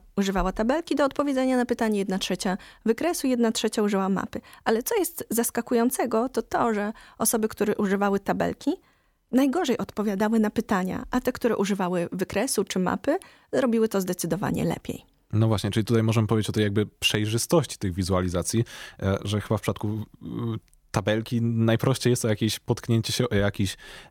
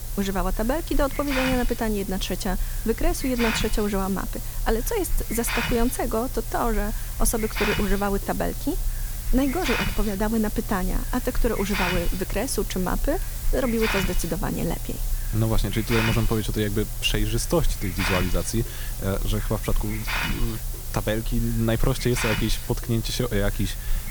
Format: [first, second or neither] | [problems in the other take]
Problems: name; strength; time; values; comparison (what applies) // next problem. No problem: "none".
first | hiss; loud; throughout; 3 dB below the speech